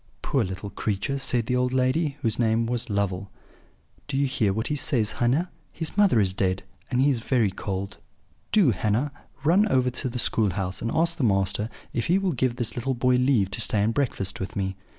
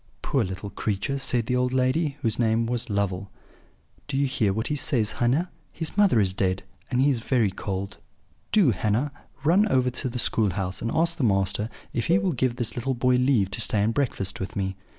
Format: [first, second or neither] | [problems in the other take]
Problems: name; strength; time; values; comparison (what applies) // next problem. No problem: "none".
first | background sound (Cowbell); 15 dB below the speech